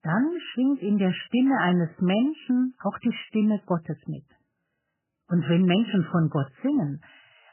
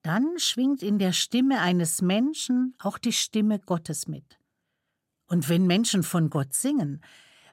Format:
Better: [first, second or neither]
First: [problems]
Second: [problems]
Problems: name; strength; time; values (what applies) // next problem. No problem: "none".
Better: second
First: garbled, watery; badly; nothing above 3 kHz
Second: none